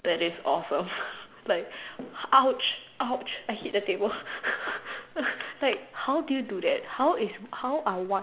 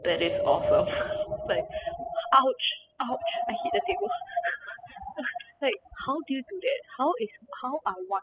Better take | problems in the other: first | noise reduction (classical method spectral subtraction)

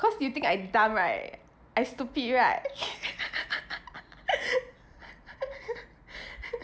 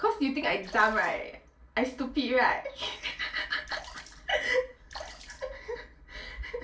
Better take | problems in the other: first | noise reduction (neural separator model SepFormer DNS4)

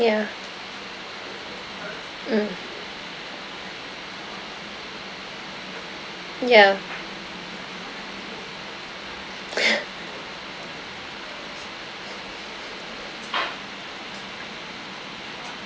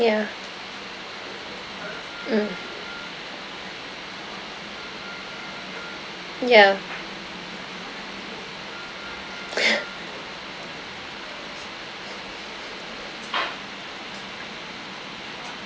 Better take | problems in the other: first | background sound (Organ); 16 dB below the speech

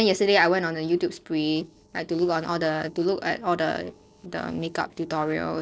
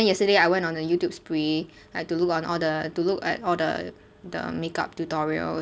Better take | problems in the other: second | noise reduction (neural separator model SepFormer DNS4)

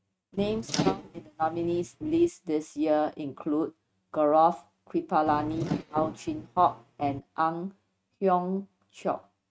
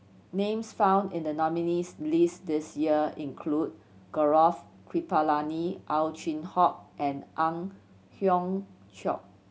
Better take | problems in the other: second | noise reduction (neural mask model RNNoise)

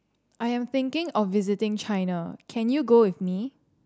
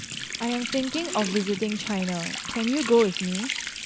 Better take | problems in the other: first | background sound (Water tap, faucet); 7 dB below the speech

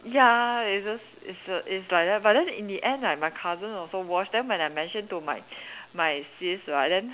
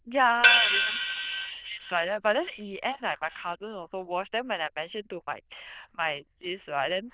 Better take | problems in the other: first | noise reduction (neural diffusion model UNIVERSE++)

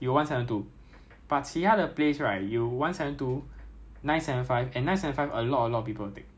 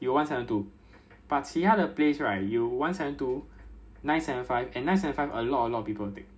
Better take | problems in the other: first | room echo; dies away in 0.3 s

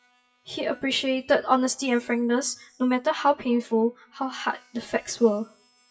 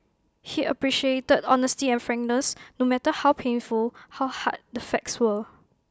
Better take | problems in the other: second | noise reduction (classical method WPE with log-MMSE)

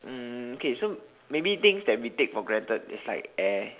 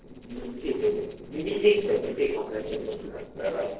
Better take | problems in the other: first | noise reduction (neural separator model SepFormer DNS4)

